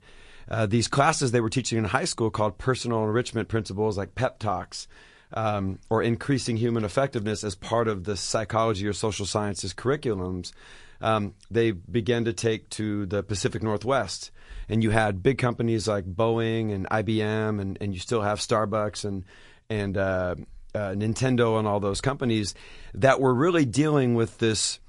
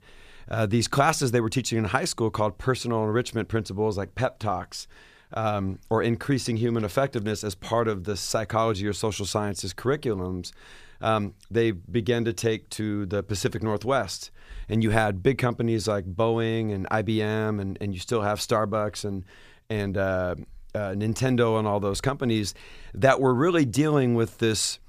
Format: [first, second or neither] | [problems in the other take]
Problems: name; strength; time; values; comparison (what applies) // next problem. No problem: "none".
second | garbled, watery; slightly; nothing above 10 kHz